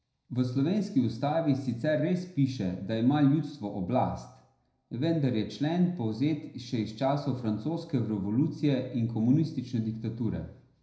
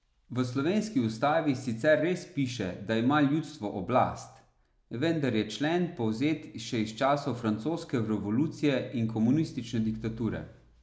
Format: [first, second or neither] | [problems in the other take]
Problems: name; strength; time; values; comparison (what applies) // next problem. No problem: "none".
second | room echo; dies away in 0.4 s